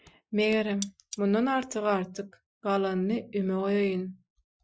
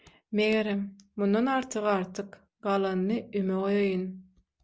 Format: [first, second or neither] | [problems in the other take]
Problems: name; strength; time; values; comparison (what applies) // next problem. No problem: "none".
second | noise reduction (classical method Wiener filter)